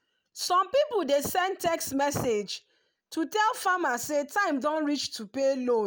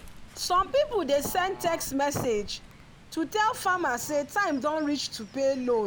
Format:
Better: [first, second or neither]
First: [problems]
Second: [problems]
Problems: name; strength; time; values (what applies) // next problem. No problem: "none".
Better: first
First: none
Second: background sound (Bird / Fowl); 18 dB below the speech